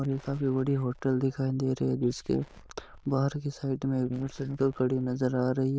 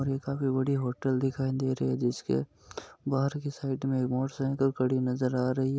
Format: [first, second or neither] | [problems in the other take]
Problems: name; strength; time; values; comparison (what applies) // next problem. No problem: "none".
second | noise reduction (neural diffusion model UNIVERSE++)